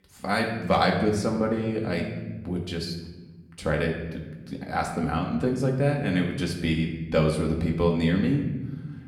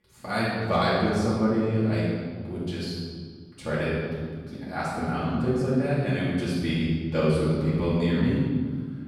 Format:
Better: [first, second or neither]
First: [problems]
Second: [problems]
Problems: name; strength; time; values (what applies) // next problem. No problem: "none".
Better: first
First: room echo; slight; dies away in 1.1 s // off-mic speech; somewhat distant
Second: room echo; strong; dies away in 1.7 s // off-mic speech; far